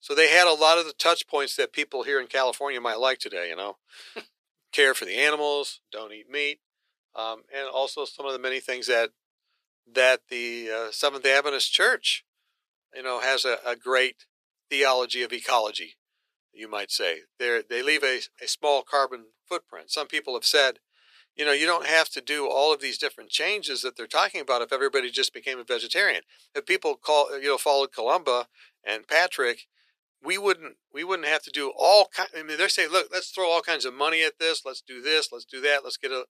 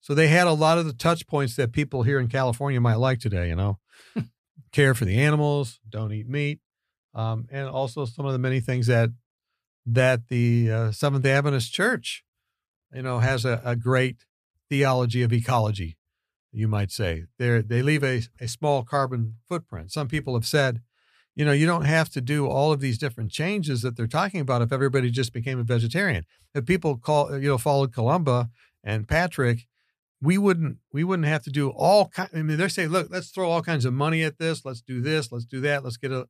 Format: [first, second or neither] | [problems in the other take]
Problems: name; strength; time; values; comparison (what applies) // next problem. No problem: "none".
second | thin; very; fading below 400 Hz